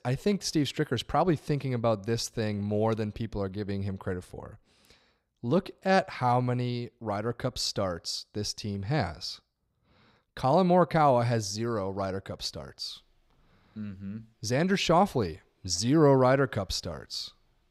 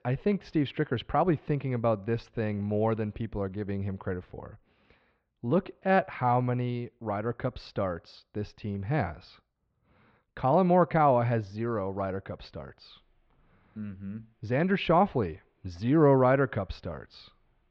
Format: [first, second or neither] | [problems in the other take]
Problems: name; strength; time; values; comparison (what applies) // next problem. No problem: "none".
first | muffled; very; fading above 3 kHz